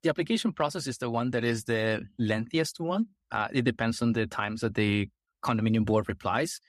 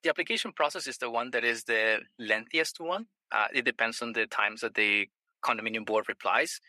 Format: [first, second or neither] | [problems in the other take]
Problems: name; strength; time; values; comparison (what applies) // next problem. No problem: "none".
first | thin; very; fading below 550 Hz